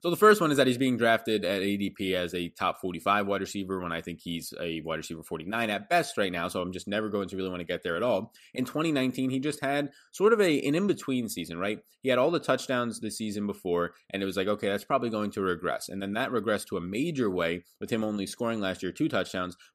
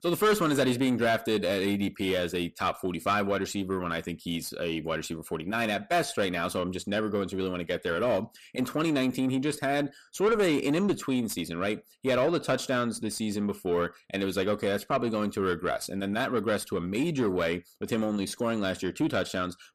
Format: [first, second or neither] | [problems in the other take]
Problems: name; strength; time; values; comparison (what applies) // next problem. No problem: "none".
first | distortion; slight; 10 dB below the speech